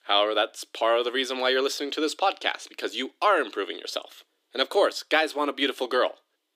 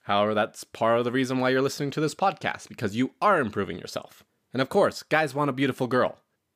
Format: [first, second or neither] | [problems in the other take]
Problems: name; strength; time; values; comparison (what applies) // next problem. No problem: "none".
second | thin; somewhat; fading below 300 Hz